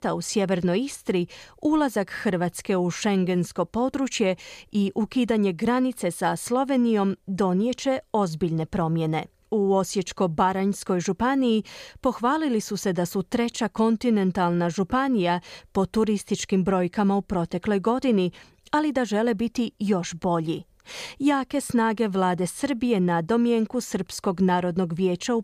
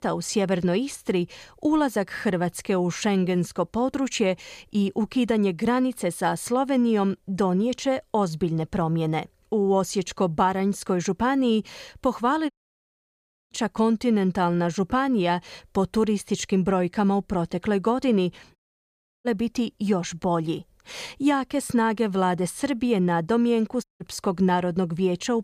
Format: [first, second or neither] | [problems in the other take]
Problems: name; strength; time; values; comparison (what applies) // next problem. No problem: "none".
first | audio cutting out; at 13 s for 1 s, at 19 s for 0.5 s and at 24 s